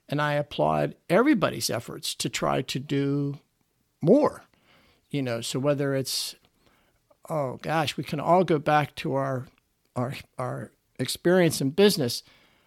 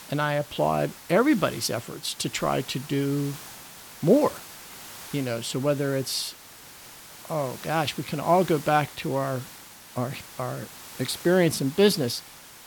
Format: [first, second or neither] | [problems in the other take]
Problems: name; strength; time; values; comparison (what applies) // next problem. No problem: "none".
first | hiss; noticeable; throughout; 15 dB below the speech